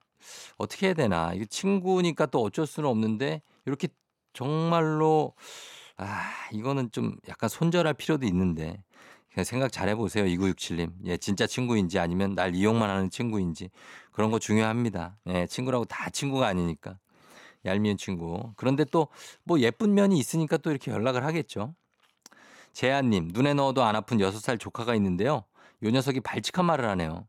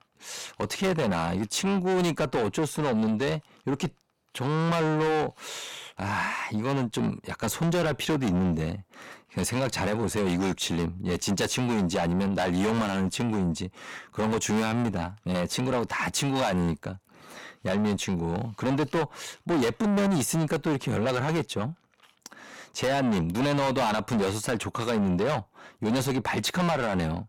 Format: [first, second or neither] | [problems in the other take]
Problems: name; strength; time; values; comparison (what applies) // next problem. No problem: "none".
first | distortion; heavy; 5 dB below the speech